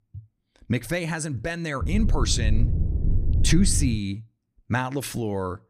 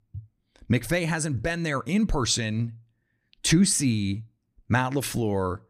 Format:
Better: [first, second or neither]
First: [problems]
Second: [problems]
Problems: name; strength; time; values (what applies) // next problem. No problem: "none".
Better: second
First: low rumble; noticeable; from 2 to 4 s; 10 dB below the speech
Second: none